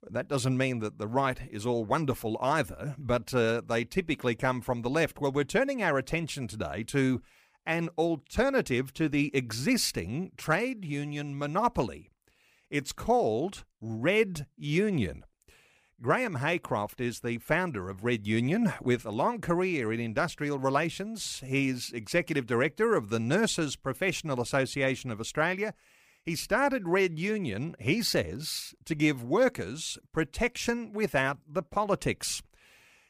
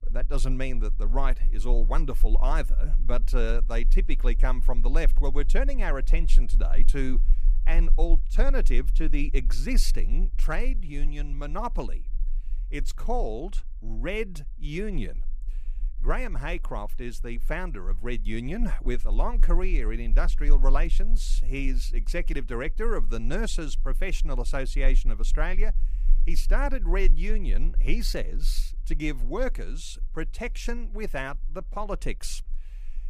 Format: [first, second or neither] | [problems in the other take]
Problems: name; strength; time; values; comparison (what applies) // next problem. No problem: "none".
first | low rumble; faint; throughout; 25 dB below the speech